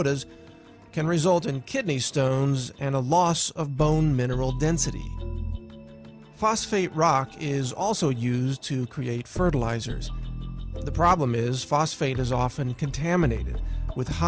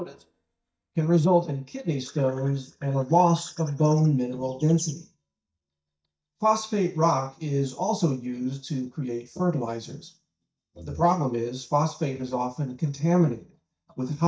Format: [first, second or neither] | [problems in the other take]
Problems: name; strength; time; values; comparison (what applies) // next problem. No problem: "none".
first | noise reduction (neural mask model DeepFilterNet 3)